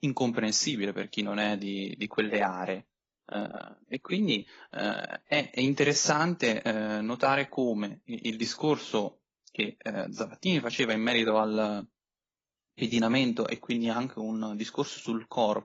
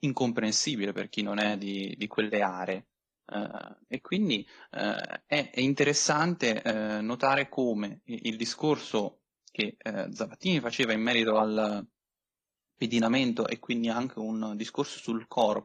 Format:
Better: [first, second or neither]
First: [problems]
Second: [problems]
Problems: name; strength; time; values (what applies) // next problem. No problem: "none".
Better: second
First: garbled, watery; badly; nothing above 7 kHz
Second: garbled, watery; slightly